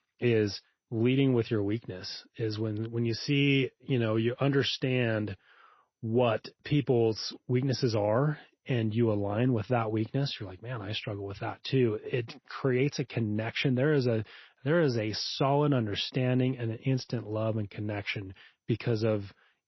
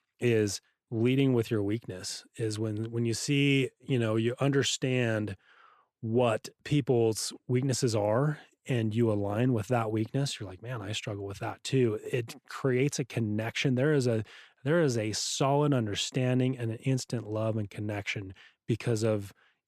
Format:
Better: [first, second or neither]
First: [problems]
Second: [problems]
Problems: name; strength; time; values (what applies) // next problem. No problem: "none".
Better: second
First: garbled, watery; slightly; nothing above 5.5 kHz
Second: none